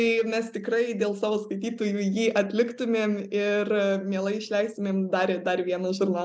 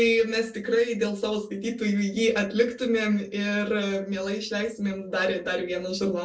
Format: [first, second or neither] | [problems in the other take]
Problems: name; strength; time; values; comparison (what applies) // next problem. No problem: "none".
first | room echo; dies away in 0.2 s